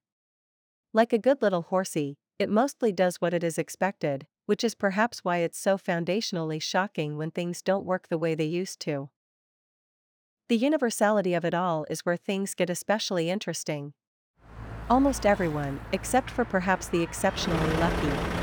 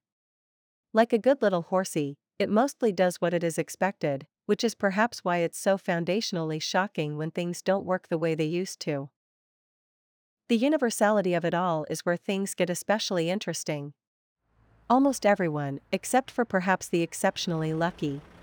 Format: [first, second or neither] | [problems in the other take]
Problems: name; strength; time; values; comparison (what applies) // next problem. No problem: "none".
second | traffic noise; loud; from 15 s on; 7 dB below the speech; faint in the second